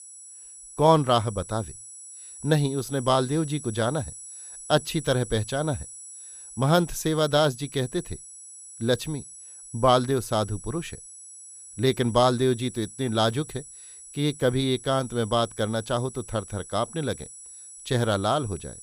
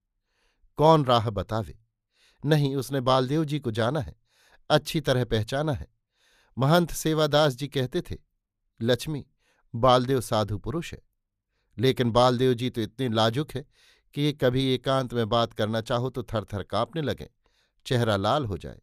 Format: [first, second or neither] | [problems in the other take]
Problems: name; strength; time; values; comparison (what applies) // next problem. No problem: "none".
second | high-pitched whine; noticeable; throughout; 10 kHz, 15 dB below the speech